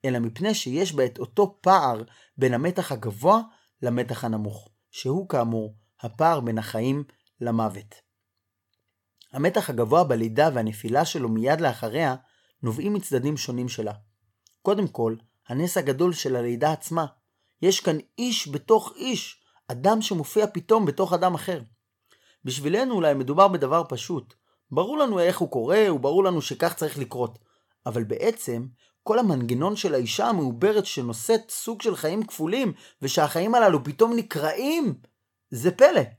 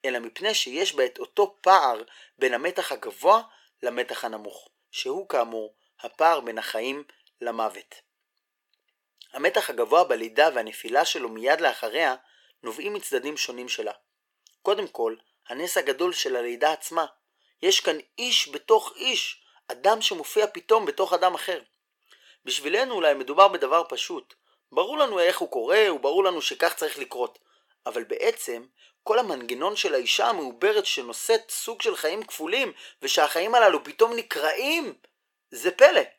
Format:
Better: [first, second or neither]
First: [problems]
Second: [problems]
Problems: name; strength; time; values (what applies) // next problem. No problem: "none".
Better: first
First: none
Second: thin; very; fading below 350 Hz